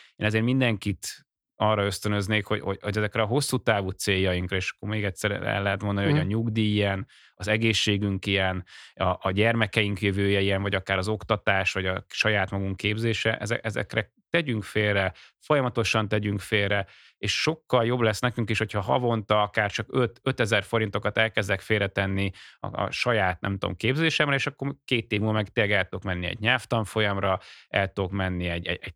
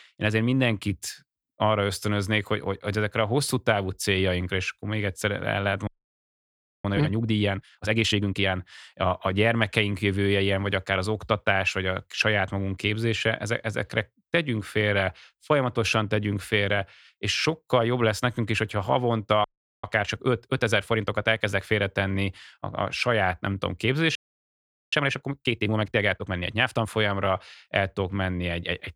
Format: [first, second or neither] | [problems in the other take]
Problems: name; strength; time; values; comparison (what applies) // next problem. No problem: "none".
first | audio freezing; at 6 s for 1 s, at 19 s and at 24 s for 1 s